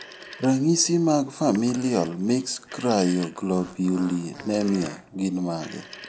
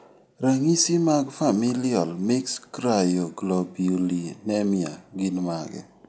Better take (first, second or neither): second